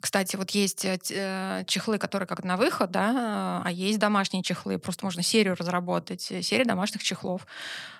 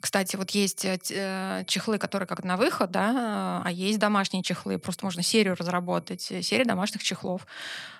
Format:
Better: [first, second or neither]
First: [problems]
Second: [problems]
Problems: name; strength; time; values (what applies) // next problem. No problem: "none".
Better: first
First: none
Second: high-pitched whine; faint; until 2.5 s and from 4 to 7 s; 11 kHz, 35 dB below the speech